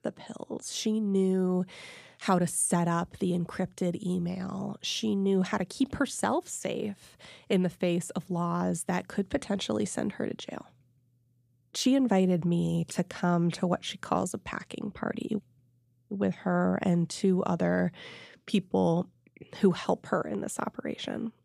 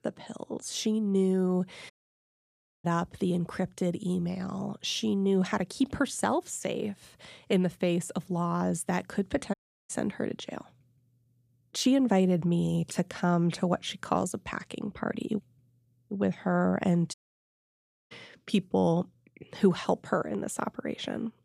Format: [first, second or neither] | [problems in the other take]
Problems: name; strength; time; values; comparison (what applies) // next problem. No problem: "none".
first | audio cutting out; at 2 s for 1 s, at 9.5 s and at 17 s for 1 s